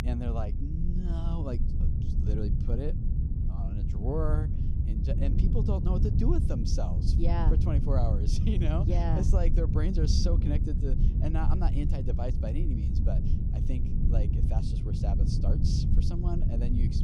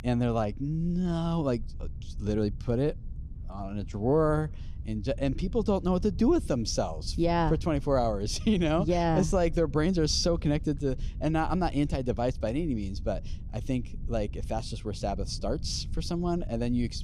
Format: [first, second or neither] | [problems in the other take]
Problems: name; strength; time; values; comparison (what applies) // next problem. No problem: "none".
second | low rumble; loud; throughout; 4 dB below the speech; faint in the second